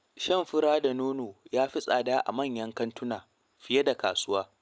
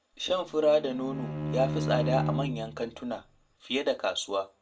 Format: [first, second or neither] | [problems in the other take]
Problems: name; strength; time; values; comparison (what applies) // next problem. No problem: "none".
first | background sound (Bowed string instrument); 4 dB below the speech // room echo; dies away in 0.2 s